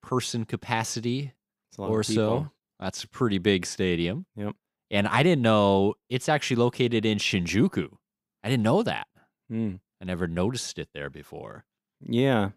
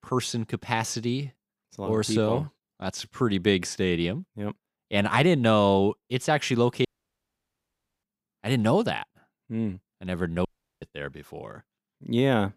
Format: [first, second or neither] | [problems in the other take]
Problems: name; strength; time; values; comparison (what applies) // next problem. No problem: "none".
first | audio cutting out; at 7 s for 1 s and at 10 s